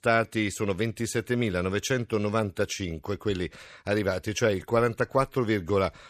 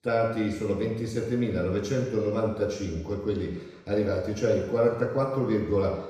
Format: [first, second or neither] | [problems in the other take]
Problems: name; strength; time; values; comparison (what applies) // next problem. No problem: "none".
first | room echo; noticeable; dies away in 1 s // off-mic speech; far